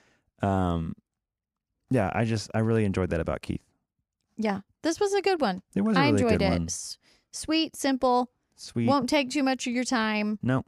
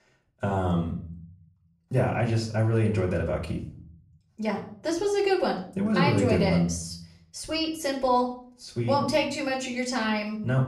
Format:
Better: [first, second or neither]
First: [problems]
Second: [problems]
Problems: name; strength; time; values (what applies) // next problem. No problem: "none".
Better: first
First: none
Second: off-mic speech; far // room echo; slight; dies away in 0.5 s